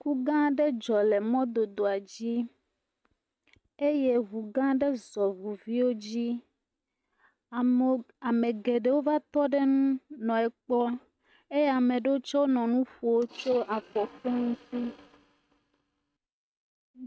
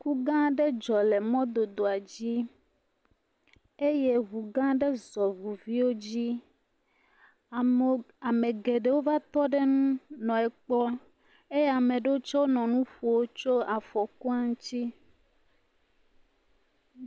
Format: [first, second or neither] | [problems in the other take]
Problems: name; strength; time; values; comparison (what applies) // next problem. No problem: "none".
second | noise reduction (neural mask model RNNoise)